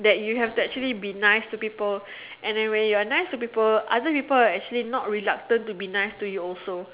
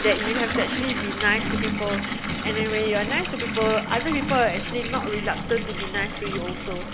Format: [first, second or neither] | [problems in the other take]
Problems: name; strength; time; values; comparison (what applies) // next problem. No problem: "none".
first | background sound (Bathtub (filling or washing) / Water tap, faucet); 2 dB below the speech